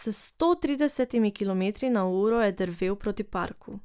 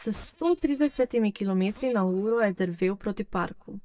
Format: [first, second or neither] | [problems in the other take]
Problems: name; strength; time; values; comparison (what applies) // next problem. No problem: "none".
first | noise reduction (neural mask model DeepFilterNet 3)